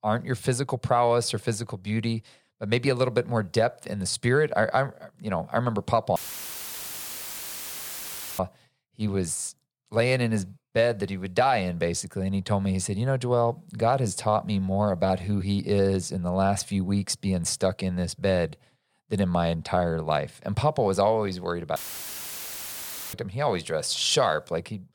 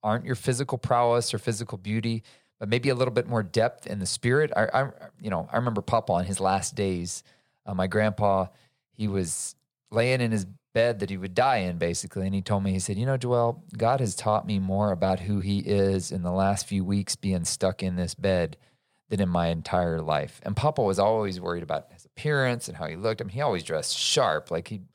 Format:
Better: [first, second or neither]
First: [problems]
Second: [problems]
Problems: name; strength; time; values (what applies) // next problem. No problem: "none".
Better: second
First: audio cutting out; filled with static; at 6 s for 2 s and at 22 s for 1.5 s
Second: none